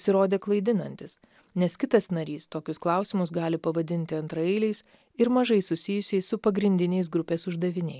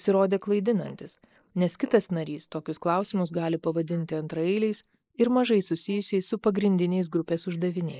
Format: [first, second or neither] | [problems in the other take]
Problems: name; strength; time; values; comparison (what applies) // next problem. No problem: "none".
first | noise reduction (neural mask model Resemble Enhance denoiser)